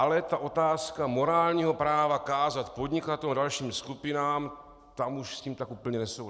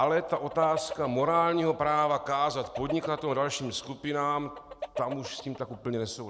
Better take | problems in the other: first | background sound (Chicken, rooster); 14 dB below the speech

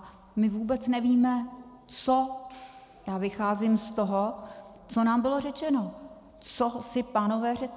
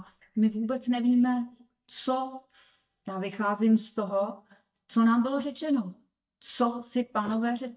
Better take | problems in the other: first | noise reduction (neural mask model DeepFilterNet 3)

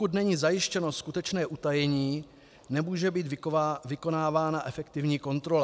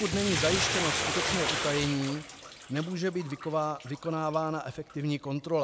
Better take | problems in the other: first | background sound (Bathtub (filling or washing)); 3 dB below the speech

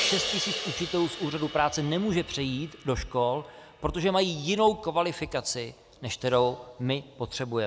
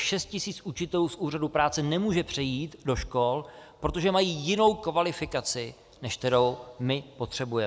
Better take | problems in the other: second | background sound (Crash cymbal); 10 dB below the speech

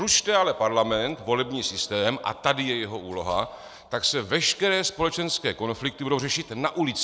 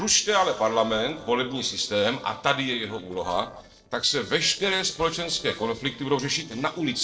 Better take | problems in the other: first | noise reduction (neural separator model SepFormer DNS4)

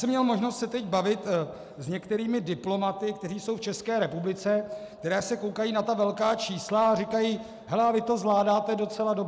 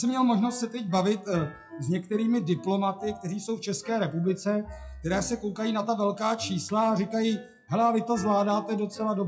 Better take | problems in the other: first | noise reduction (classical method WPE with log-MMSE)

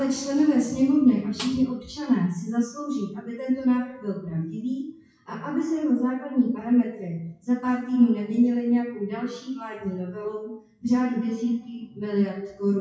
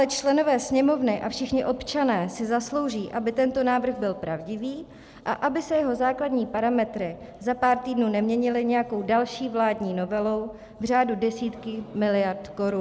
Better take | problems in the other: second | noise reduction (classical method WPE with log-MMSE)

